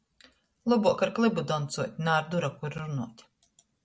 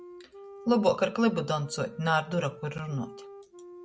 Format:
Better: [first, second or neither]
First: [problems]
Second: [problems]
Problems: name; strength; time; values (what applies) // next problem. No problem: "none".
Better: first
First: none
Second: background sound (Wind instrument, woodwind instrument); 18 dB below the speech